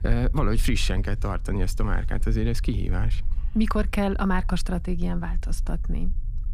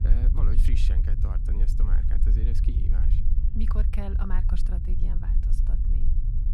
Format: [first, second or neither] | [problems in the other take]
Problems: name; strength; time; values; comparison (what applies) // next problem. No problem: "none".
first | low rumble; loud; throughout; 2 dB below the speech; faint in the first